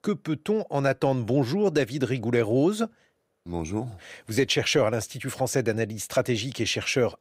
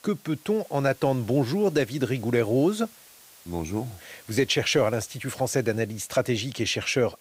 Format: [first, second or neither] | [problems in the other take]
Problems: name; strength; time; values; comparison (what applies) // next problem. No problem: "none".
first | hiss; faint; throughout; 25 dB below the speech